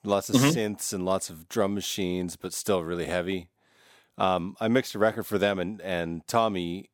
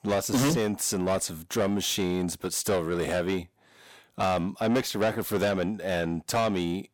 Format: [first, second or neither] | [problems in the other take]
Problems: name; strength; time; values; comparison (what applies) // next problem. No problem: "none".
first | distortion; heavy; 7 dB below the speech